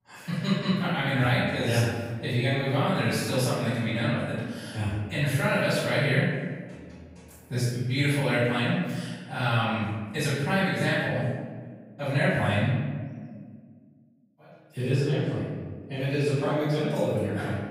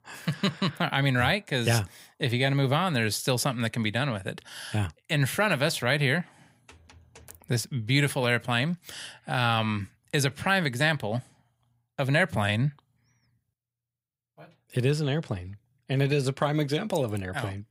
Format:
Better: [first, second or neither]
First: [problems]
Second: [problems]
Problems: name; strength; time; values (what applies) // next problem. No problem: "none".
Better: second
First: off-mic speech; far // room echo; strong; dies away in 1.5 s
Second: none